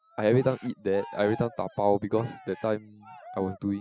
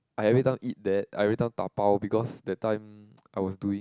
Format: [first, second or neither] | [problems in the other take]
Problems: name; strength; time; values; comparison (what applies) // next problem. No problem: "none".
second | noise reduction (classical method spectral subtraction)